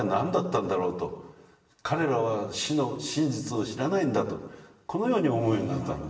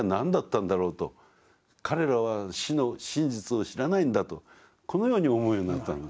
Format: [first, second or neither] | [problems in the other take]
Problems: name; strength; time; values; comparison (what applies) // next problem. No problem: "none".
second | room echo; dies away in 1 s